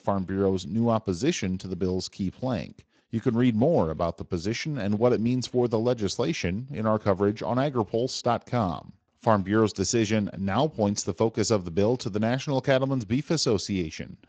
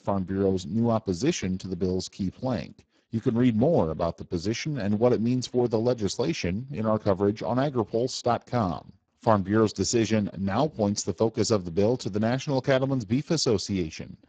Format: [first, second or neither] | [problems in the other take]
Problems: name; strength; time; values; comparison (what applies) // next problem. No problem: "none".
first | garbled, watery; badly; nothing above 7.5 kHz; slightly in the first